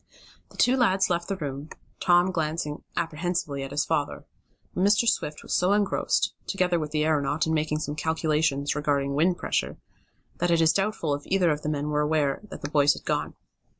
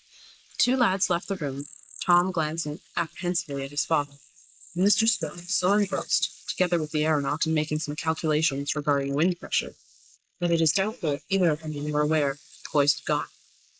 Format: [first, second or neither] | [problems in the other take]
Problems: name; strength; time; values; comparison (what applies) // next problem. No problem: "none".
first | noise reduction (neural mask model Resemble Enhance denoiser)